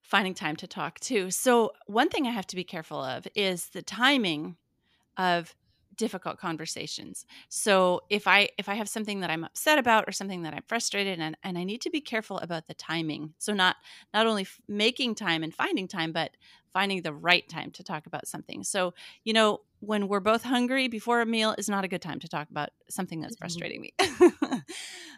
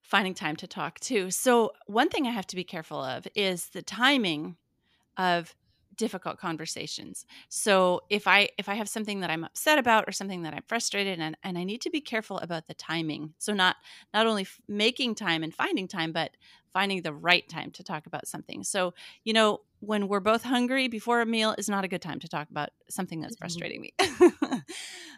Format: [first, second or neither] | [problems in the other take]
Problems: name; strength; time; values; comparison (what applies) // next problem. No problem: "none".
neither | none